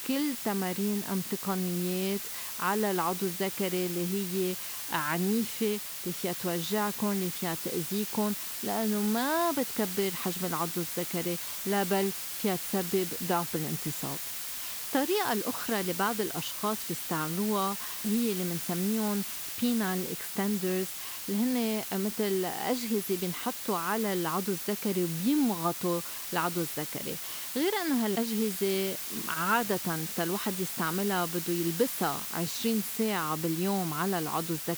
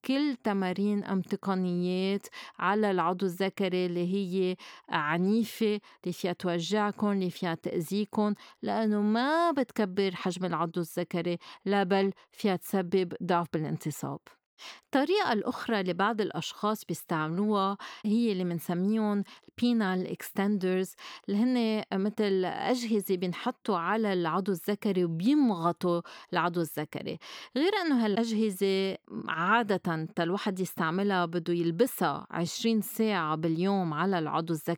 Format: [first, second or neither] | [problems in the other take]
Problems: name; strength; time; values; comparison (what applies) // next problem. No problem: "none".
second | hiss; loud; throughout; 2 dB below the speech